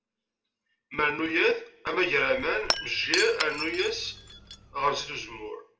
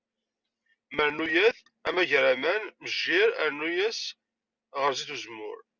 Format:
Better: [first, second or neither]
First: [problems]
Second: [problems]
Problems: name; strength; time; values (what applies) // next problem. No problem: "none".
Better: second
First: background sound (Shatter / Crushing); 7 dB below the speech // room echo; dies away in 0.4 s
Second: none